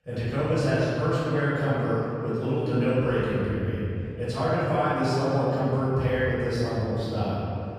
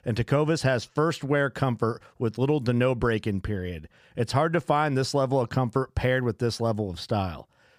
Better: second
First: room echo; strong; dies away in 2.8 s // off-mic speech; far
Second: none

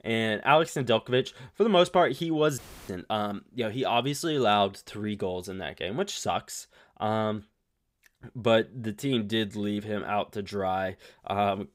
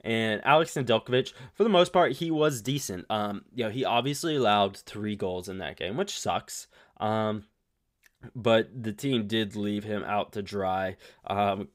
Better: second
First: audio cutting out; filled with static; at 2.5 s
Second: none

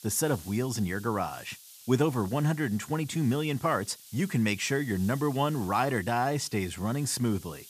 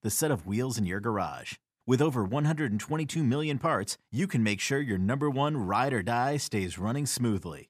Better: second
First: hiss; noticeable; throughout; 20 dB below the speech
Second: none

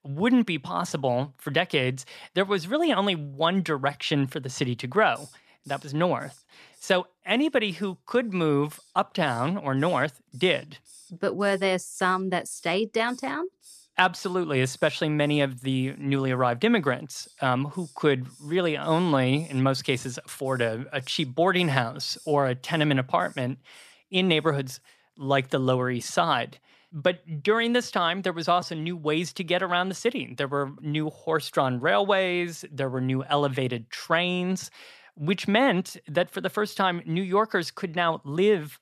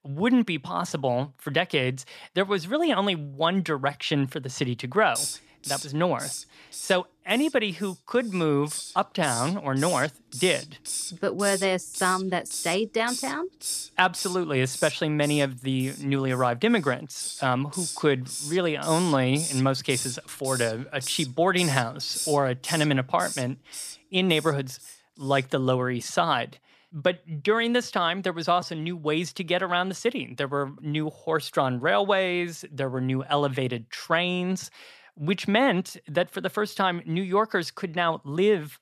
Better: first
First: hiss; faint; from 5 to 25 s; 25 dB below the speech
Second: hiss; loud; from 5 to 25 s; 7 dB below the speech

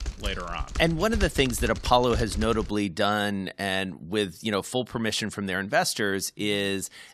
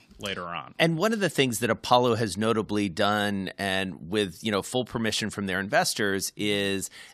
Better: second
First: keyboard typing; noticeable; until 2.5 s; peak 6 dB below the speech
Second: none

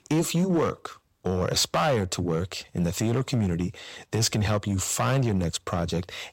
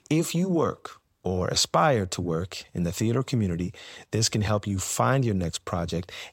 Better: second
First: distortion; slight; 7% of the sound clipped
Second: none

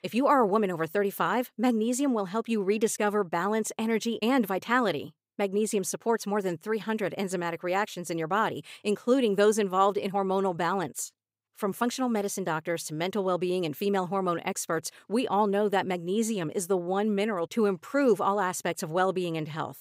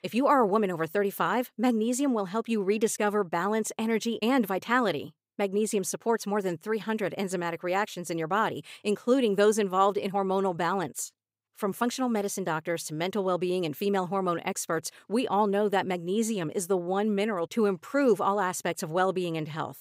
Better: neither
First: none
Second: none

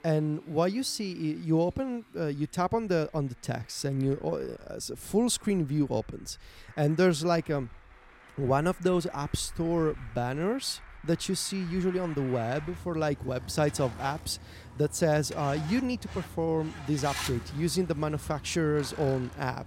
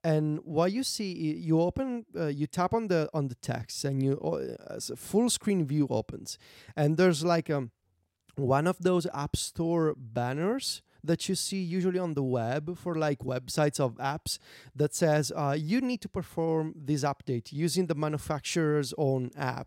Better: second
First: traffic noise; noticeable; throughout; 15 dB below the speech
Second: none

